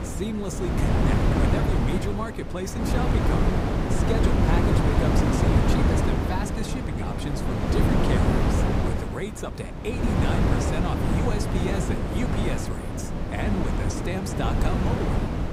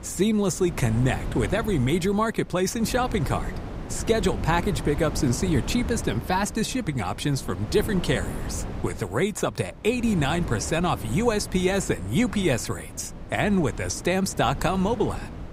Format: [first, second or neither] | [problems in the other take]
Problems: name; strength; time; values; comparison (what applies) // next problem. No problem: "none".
second | wind noise on the microphone; heavy; 4 dB above the speech; occasional gusts in the second